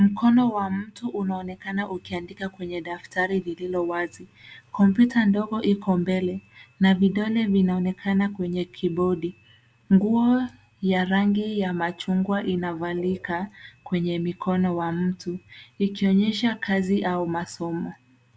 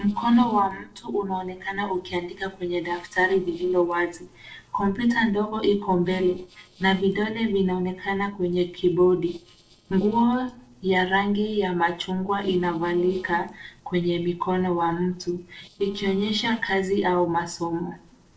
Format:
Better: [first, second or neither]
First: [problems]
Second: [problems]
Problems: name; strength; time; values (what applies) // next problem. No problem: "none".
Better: first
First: none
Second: noise reduction (neural separator model SepFormer DNS4)